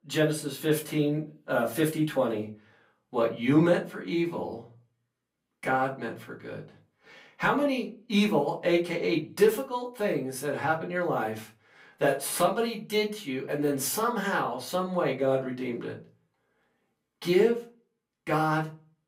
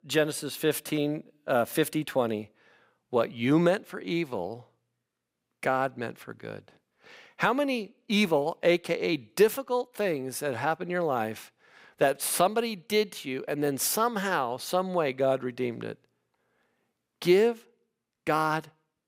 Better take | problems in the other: second | off-mic speech; far // room echo; very slight; dies away in 0.2 s

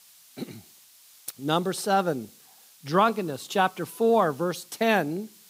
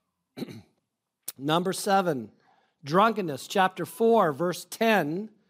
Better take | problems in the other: second | hiss; faint; throughout; 25 dB below the speech

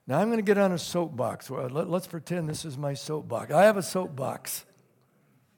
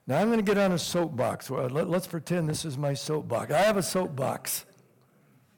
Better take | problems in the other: first | distortion; heavy; 7% of the sound clipped

